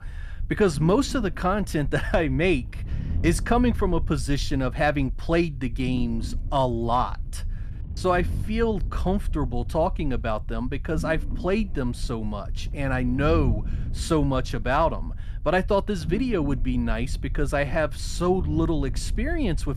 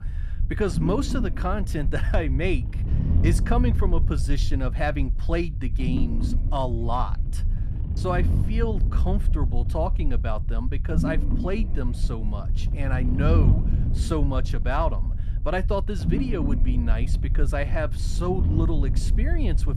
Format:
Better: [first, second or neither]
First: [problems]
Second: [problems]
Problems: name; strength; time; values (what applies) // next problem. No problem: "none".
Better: first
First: low rumble; faint; throughout; 20 dB below the speech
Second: low rumble; loud; throughout; 9 dB below the speech